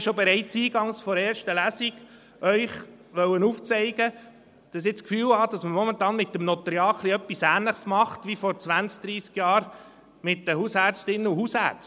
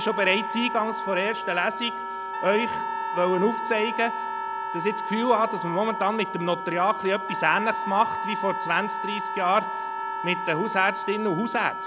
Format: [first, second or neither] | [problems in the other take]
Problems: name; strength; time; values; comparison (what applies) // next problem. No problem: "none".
first | background sound (Wind instrument, woodwind instrument + Wind instrument, woodwind instrument); 4 dB below the speech